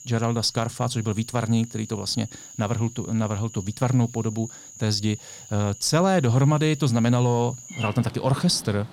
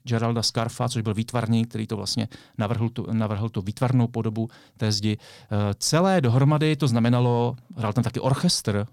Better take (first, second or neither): second